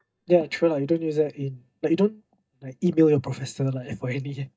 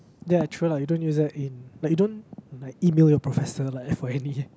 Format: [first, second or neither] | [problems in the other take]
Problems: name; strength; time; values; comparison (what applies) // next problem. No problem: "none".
second | noise reduction (neural mask model DeepFilterNet 3)